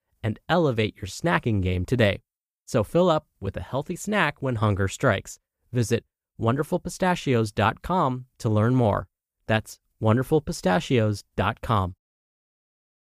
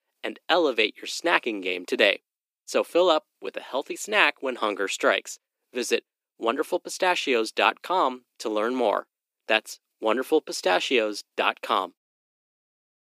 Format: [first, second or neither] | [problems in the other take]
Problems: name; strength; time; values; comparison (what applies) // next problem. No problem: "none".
first | thin; somewhat; fading below 300 Hz